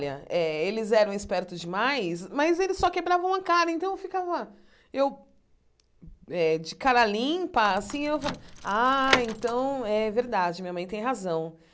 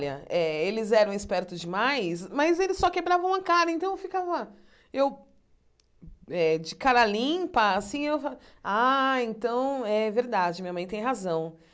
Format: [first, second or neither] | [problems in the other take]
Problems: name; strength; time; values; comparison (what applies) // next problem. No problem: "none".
second | background sound (Door / Car); 7 dB below the speech